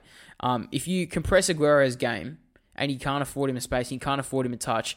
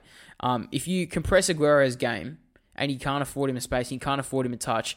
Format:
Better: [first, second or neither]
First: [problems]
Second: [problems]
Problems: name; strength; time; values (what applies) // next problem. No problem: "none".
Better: neither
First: none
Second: none